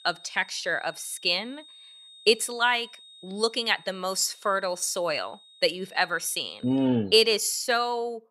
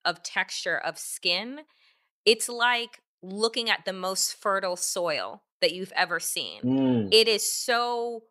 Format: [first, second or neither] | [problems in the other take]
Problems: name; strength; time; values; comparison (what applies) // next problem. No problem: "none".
second | high-pitched whine; faint; until 7 s; 3.5 kHz, 25 dB below the speech